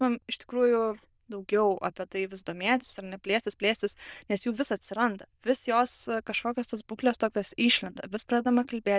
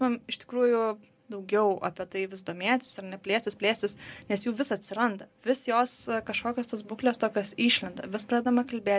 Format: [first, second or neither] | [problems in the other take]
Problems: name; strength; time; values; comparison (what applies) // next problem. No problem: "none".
second | noise reduction (neural diffusion model UNIVERSE++)